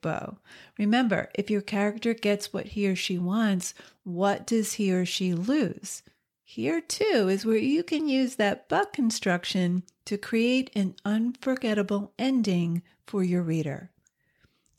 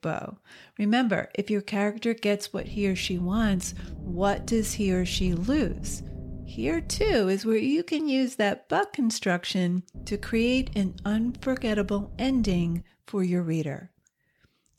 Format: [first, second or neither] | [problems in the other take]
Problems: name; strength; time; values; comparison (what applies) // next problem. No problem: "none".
first | low rumble; faint; from 2.5 to 7 s and from 10 to 13 s; 20 dB below the speech